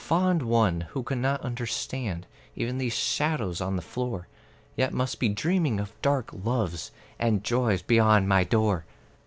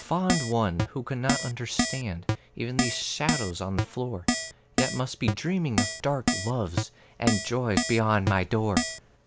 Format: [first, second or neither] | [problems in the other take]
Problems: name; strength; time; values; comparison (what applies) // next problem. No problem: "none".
first | background sound (Keyboard (musical)); 2 dB below the speech